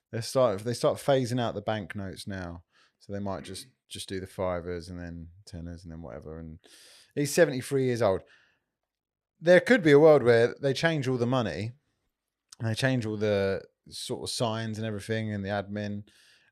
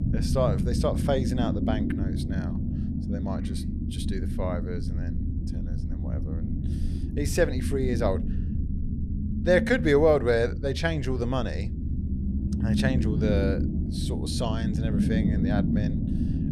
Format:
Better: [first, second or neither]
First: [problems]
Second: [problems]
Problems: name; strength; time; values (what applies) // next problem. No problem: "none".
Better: first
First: none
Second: low rumble; loud; throughout; 9 dB below the speech